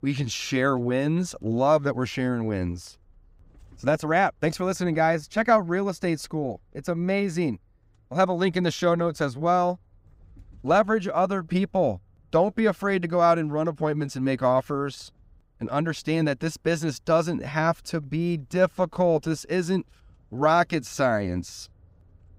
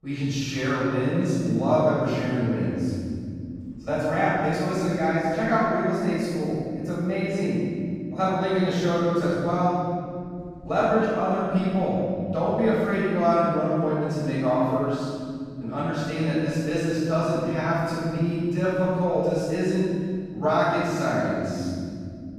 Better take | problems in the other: first | off-mic speech; far // room echo; strong; dies away in 2.7 s

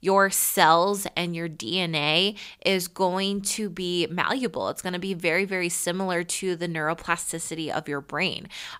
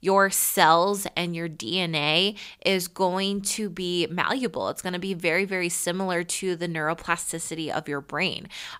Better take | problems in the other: neither | none

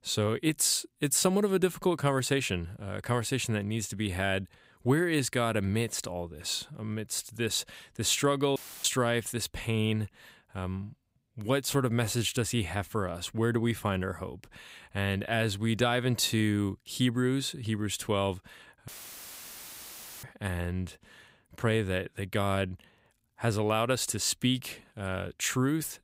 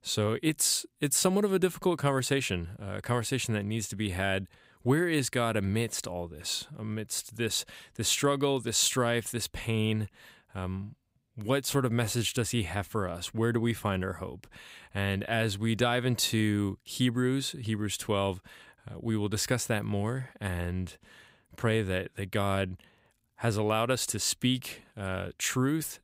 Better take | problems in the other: second | audio cutting out; filled with static; at 8.5 s and at 19 s for 1.5 s

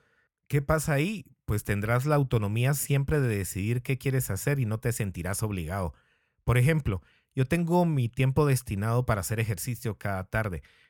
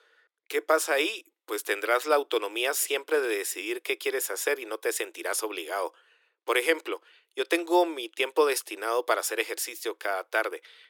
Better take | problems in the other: first | thin; very; fading below 350 Hz

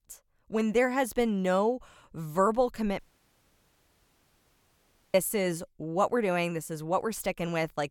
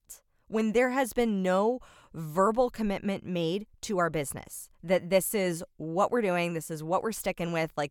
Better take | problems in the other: second | audio cutting out; at 3 s for 2 s

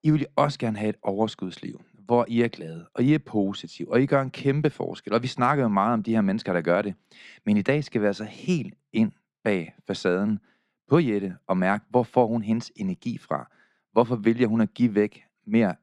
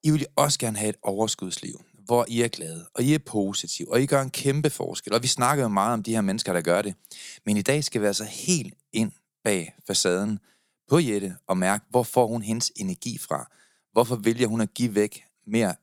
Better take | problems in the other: second | muffled; very; fading above 2 kHz

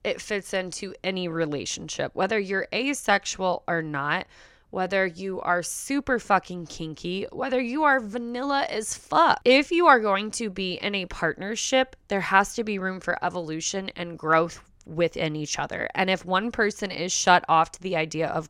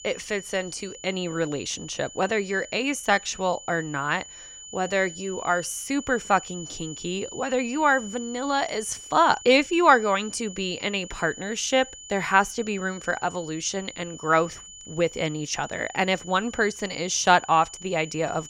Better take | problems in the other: first | high-pitched whine; noticeable; throughout; 7 kHz, 15 dB below the speech

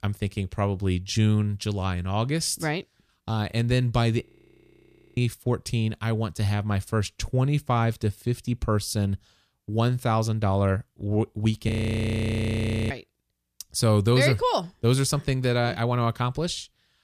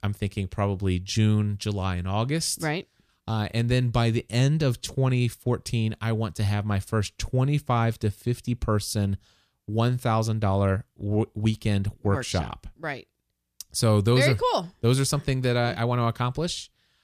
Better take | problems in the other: second | audio freezing; at 4.5 s for 1 s and at 12 s for 1 s

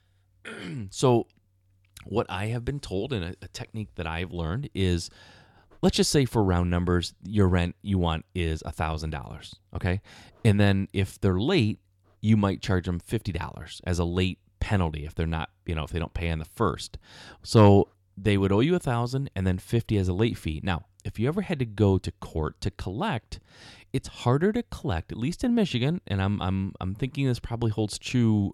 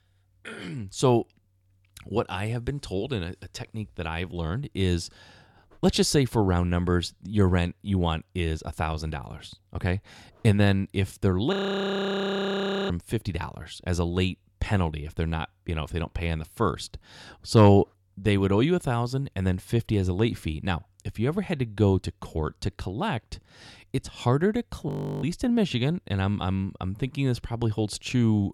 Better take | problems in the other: first | audio freezing; at 12 s for 1.5 s and at 25 s

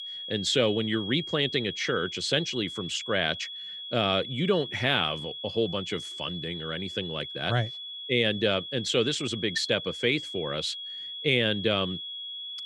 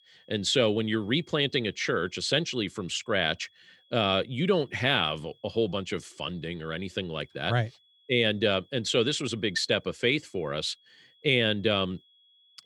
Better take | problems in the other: second | high-pitched whine; loud; throughout; 3.5 kHz, 8 dB below the speech; faint in the second

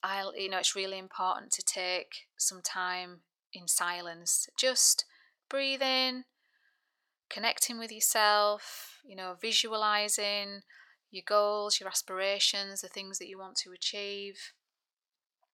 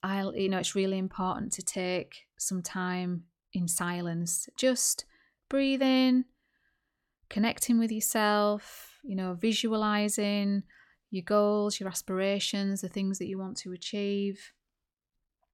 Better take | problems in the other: second | thin; very; fading below 750 Hz

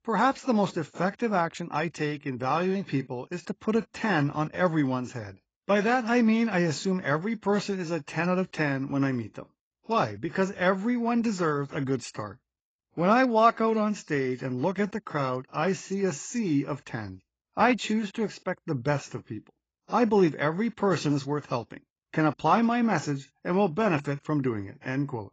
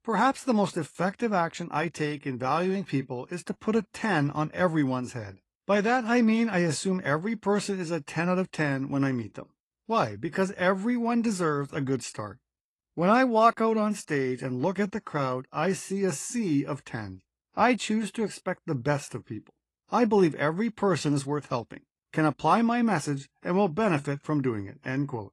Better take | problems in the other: second | garbled, watery; badly; nothing above 7.5 kHz; slightly in the second

